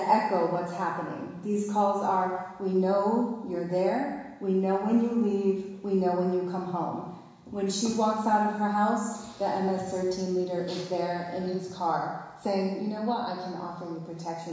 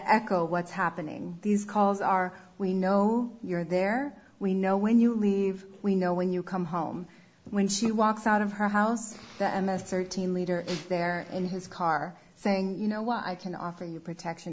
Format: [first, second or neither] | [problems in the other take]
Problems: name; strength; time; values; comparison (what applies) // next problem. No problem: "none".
second | room echo; dies away in 1 s